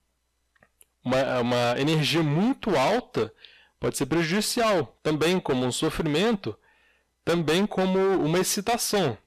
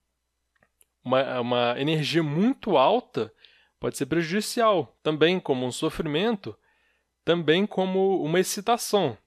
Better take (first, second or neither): second